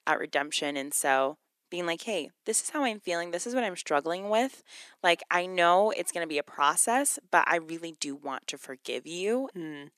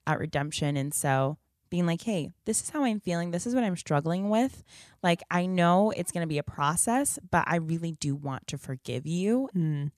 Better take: second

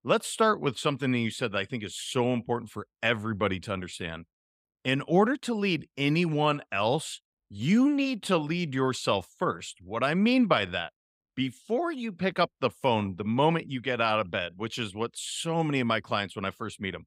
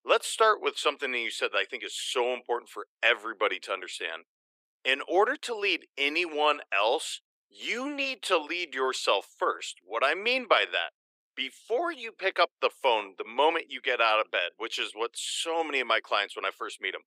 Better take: first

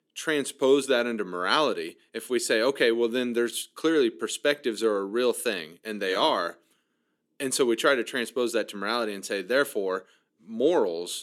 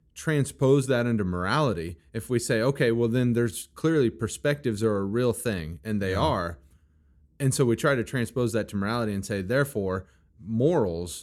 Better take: second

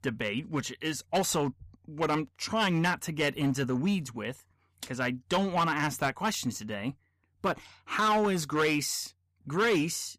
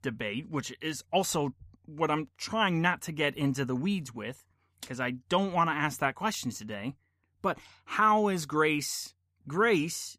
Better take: second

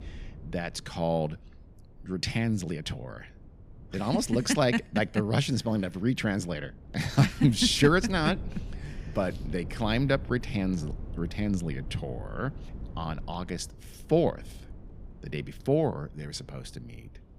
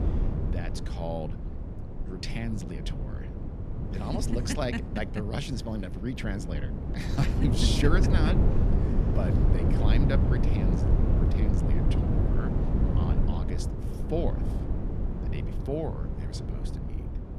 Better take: first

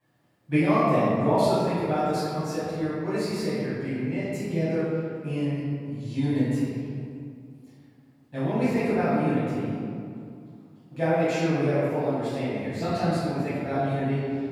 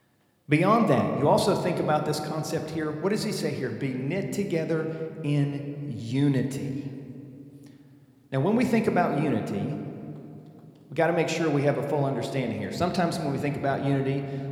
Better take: second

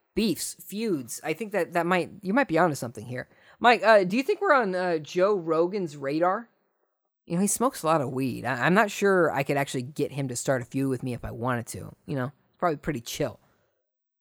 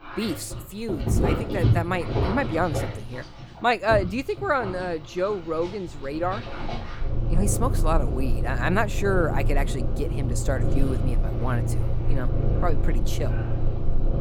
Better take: first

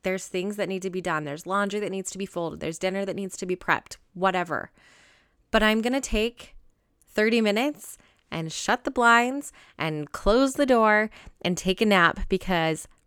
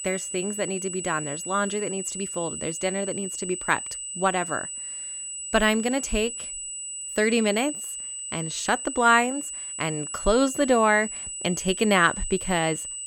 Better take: first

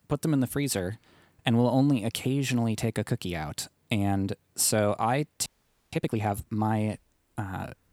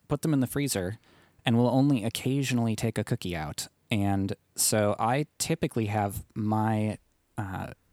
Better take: second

